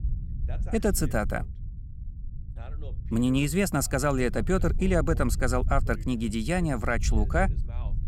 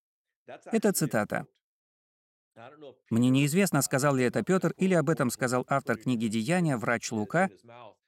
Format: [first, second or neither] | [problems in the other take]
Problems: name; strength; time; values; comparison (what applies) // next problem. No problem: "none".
second | low rumble; faint; throughout; 20 dB below the speech